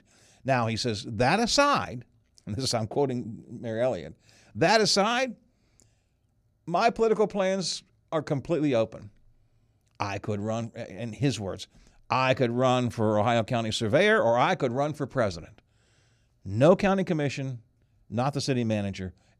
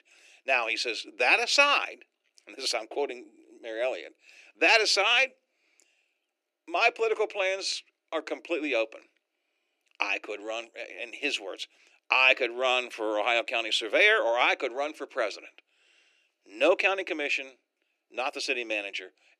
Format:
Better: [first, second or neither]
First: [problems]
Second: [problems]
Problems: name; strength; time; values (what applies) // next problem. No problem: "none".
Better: first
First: none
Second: thin; very; fading below 300 Hz